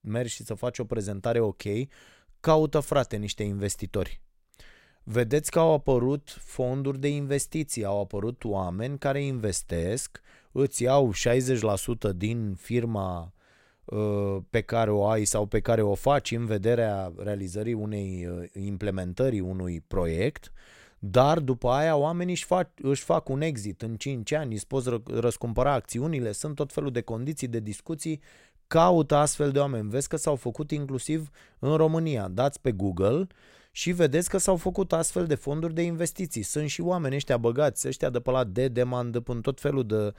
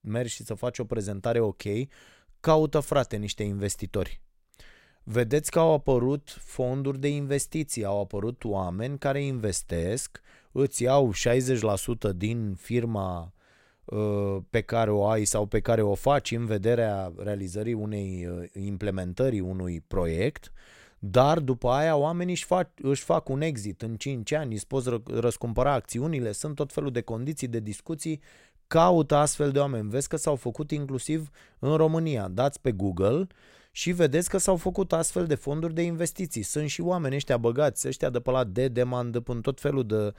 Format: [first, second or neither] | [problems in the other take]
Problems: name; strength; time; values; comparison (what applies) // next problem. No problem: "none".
neither | none